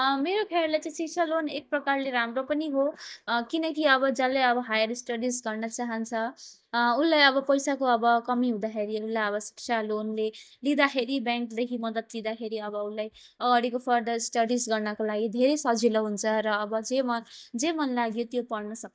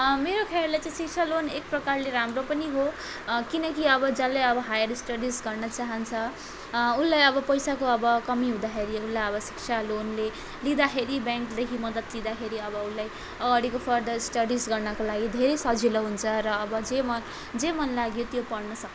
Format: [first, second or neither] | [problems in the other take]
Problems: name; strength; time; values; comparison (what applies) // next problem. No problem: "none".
second | noise reduction (neural mask model DeepFilterNet 3)